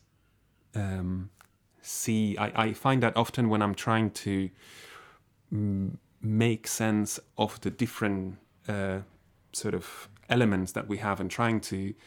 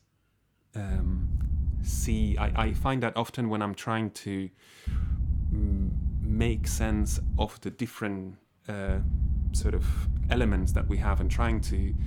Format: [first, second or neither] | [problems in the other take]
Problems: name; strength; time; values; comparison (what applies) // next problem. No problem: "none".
first | low rumble; noticeable; from 1 to 3 s, from 5 to 7.5 s and from 9 s on; 15 dB below the speech